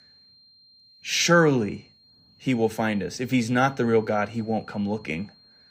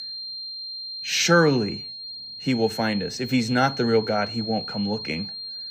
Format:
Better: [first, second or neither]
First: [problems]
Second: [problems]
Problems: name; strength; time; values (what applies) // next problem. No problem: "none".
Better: first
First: high-pitched whine; faint; throughout; 4 kHz, 30 dB below the speech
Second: high-pitched whine; loud; throughout; 4 kHz, 9 dB below the speech